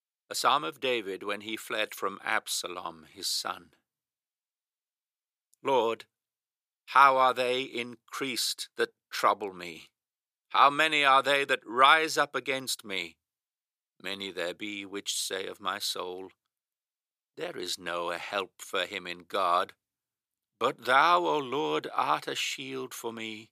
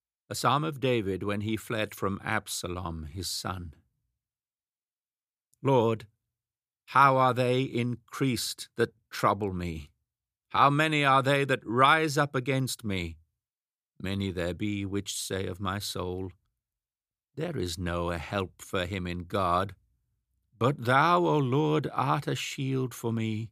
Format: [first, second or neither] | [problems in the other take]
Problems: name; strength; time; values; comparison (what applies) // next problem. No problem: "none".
second | thin; somewhat; fading below 450 Hz